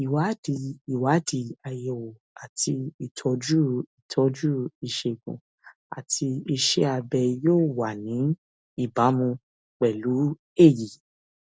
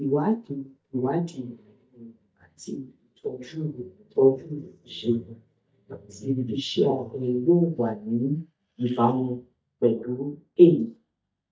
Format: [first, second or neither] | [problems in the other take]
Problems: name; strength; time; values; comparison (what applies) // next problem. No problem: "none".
first | noise reduction (neural mask model DeepFilterNet 3)